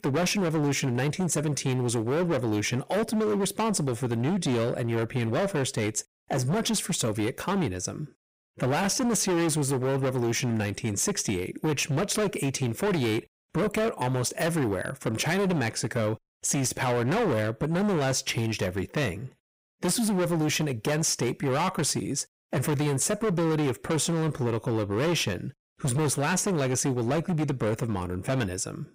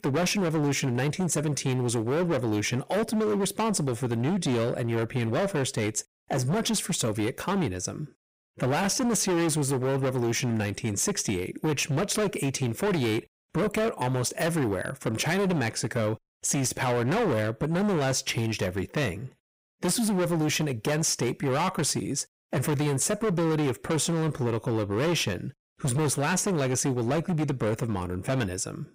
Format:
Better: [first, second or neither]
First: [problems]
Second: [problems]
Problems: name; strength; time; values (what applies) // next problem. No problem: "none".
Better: neither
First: distortion; heavy; 23% of the sound clipped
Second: distortion; heavy; 23% of the sound clipped